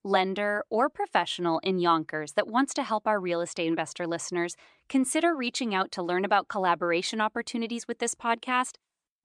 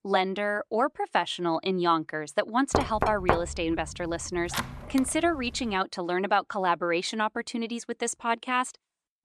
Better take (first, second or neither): first